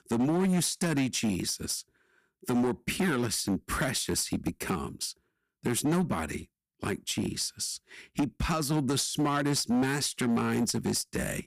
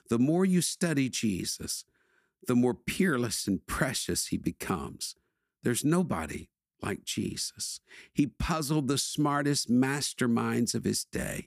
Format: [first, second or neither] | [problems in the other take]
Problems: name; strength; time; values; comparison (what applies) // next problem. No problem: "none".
second | distortion; slight; 10% of the sound clipped